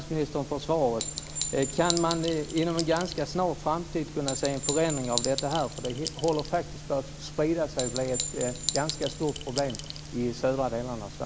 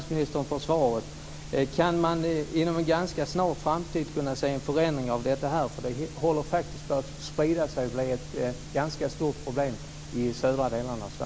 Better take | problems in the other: second | background sound (Chink, clink); 8 dB below the speech

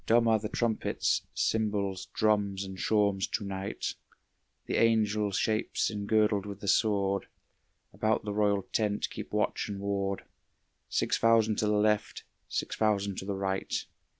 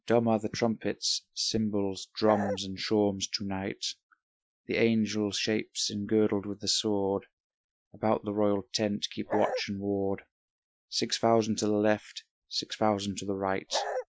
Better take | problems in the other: first | noise reduction (classical method Wiener filter)

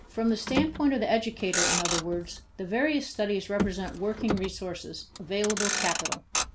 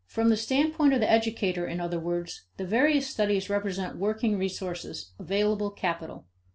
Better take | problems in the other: second | background sound (Motor vehicle (road)); 3 dB below the speech

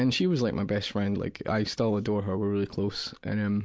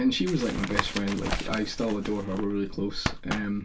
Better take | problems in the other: first | background sound (Tap); 5 dB below the speech // room echo; dies away in 0.2 s

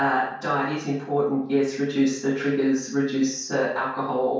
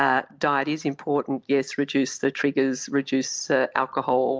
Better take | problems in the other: second | room echo; dies away in 0.5 s

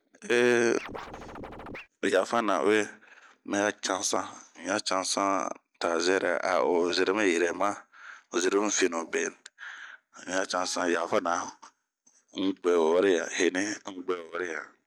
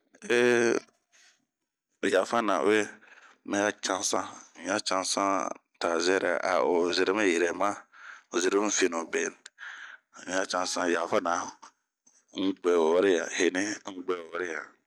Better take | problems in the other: second | background sound (Scratching (performance technique)); 13 dB below the speech

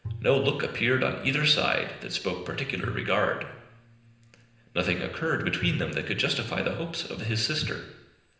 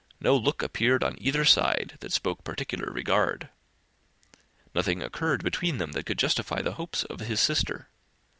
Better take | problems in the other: second | background sound (Bowed string instrument); 16 dB below the speech // room echo; dies away in 0.9 s

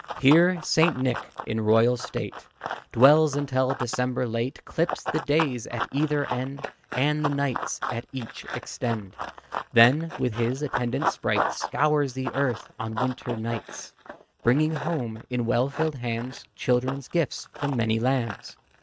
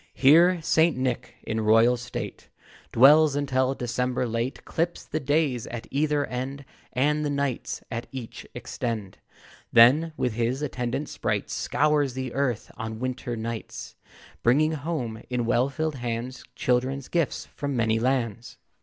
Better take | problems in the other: second | noise reduction (neural mask model RNNoise)

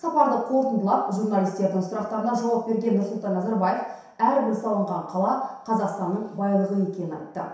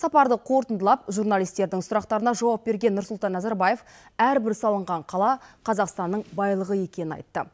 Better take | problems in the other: second | room echo; dies away in 0.7 s

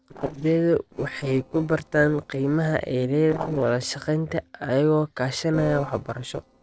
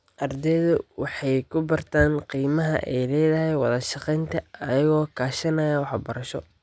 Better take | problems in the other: second | noise reduction (neural separator model SepFormer DNS4)

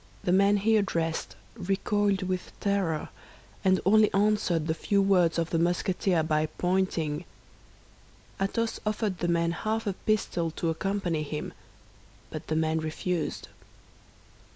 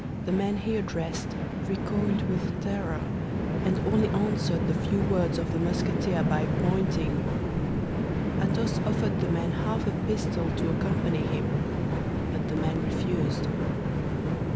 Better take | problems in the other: first | background sound (Train); 4 dB above the speech

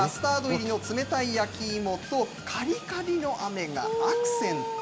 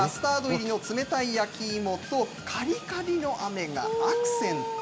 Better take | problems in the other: second | background sound (Engine); 16 dB below the speech

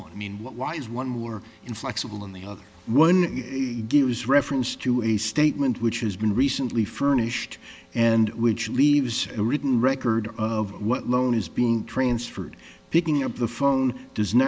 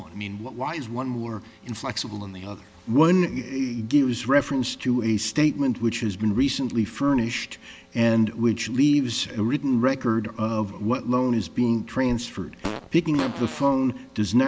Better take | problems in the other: first | background sound (Fart); 12 dB below the speech

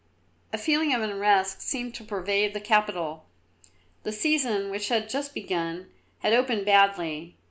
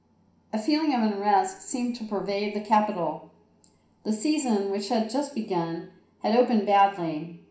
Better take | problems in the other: first | room echo; dies away in 0.5 s

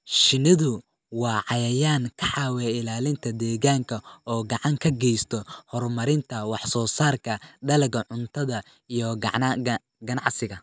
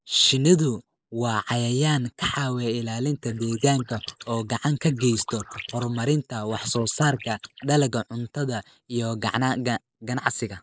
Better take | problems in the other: first | noise reduction (neural mask model Resemble Enhance denoiser)

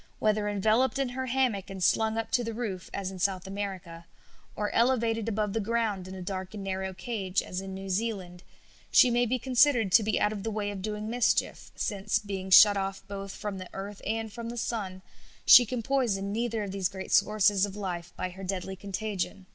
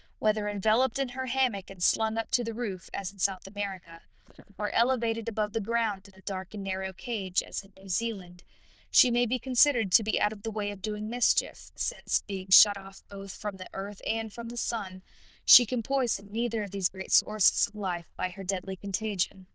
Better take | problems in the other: first | noise reduction (neural diffusion model UNIVERSE++)

